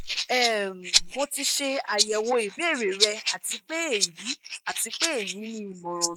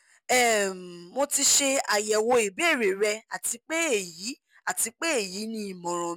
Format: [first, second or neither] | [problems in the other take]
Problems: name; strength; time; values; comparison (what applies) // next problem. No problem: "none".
second | noise reduction (neural mask model Resemble Enhance denoiser)